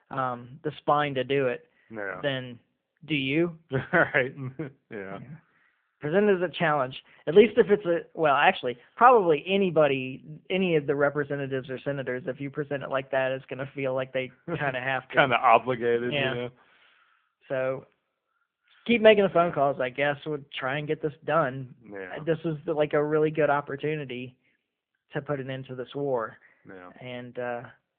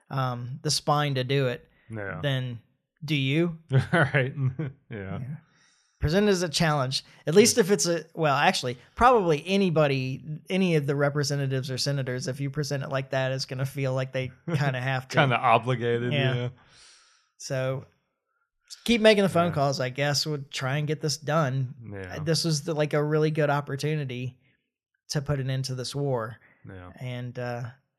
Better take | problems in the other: second | phone-call audio; nothing above 3.5 kHz

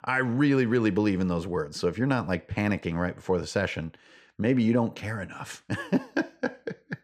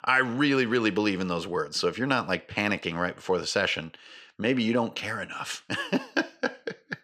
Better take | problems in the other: first | thin; very slightly; fading below 350 Hz

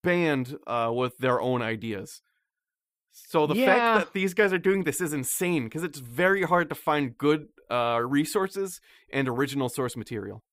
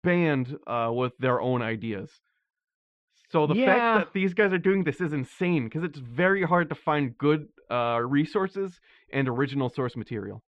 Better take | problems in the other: first | muffled; slightly; fading above 3.5 kHz

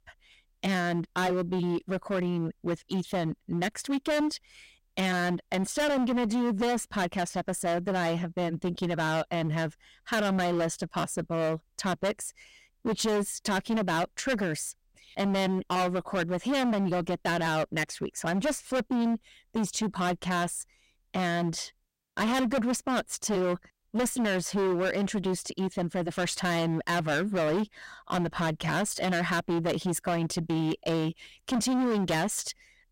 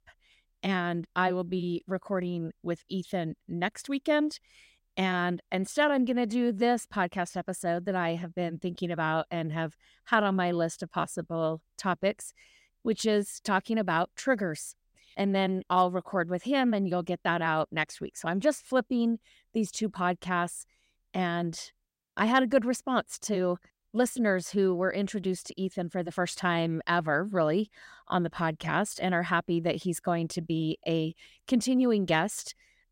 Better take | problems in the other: second | distortion; heavy; 19% of the sound clipped

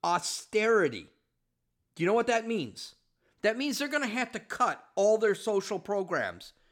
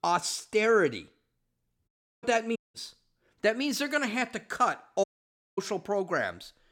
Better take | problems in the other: first | audio cutting out; at 2 s, at 2.5 s and at 5 s for 0.5 s

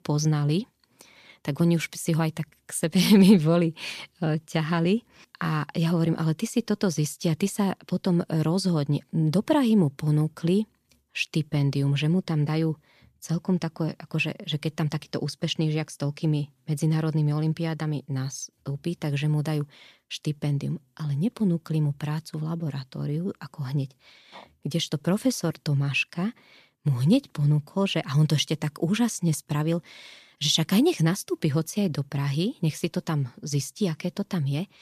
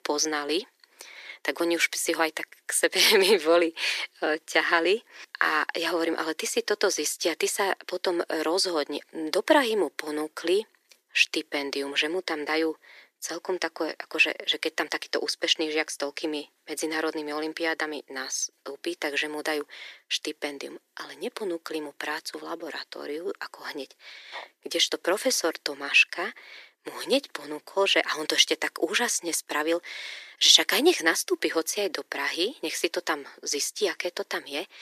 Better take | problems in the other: first | thin; very; fading below 350 Hz

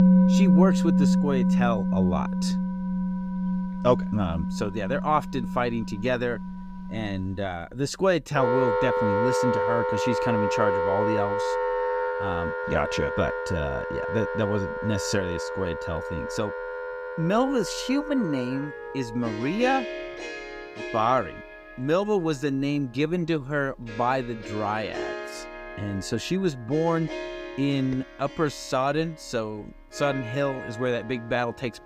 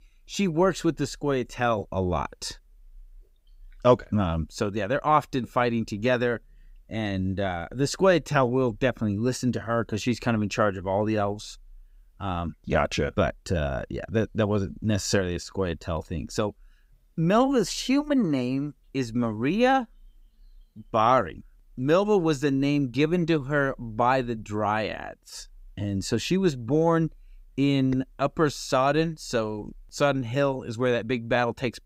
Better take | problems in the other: second | background music; loud; throughout; as loud as the speech

